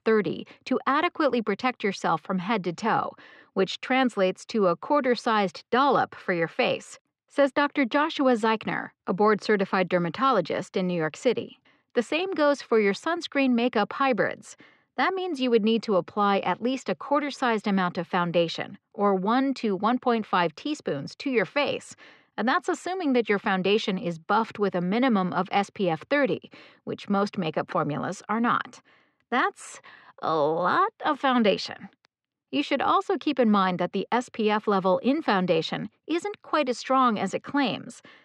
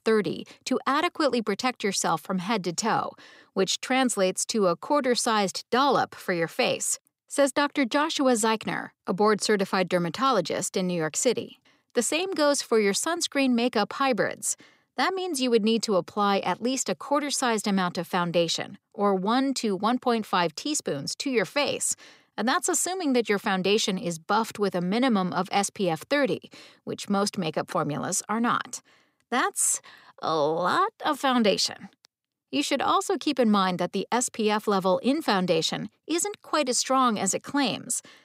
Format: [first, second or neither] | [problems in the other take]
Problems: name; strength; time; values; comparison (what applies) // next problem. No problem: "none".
second | muffled; slightly; fading above 2.5 kHz